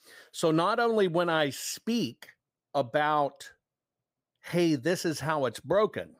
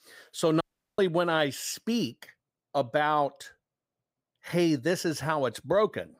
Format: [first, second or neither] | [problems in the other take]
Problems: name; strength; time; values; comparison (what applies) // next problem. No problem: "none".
first | audio cutting out; at 0.5 s